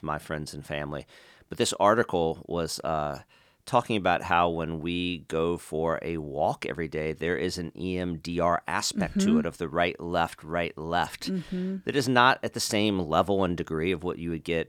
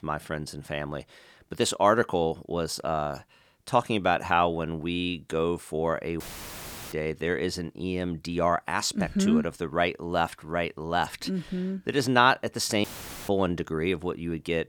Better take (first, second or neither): first